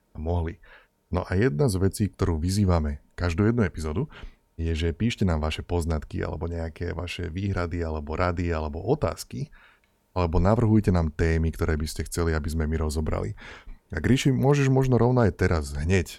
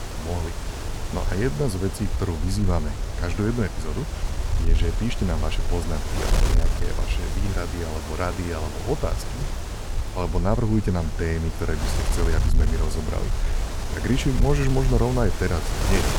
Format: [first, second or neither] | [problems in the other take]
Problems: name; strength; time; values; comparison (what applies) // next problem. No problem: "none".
first | wind noise on the microphone; heavy; 4 dB below the speech